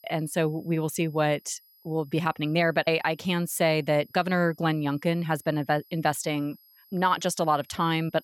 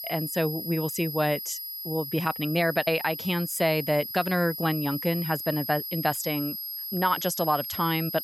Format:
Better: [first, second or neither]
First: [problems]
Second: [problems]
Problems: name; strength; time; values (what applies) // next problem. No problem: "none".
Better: first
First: high-pitched whine; faint; throughout; 11.5 kHz, 30 dB below the speech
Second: high-pitched whine; loud; throughout; 11.5 kHz, 6 dB below the speech